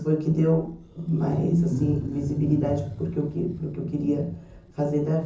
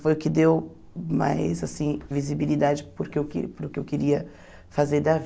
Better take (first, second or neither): second